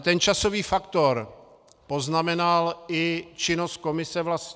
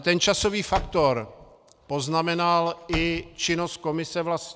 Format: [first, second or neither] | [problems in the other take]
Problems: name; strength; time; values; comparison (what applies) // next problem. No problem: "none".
first | background sound (Slam / Wood); 14 dB below the speech